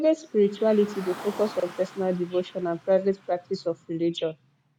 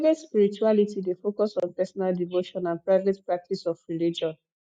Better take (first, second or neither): second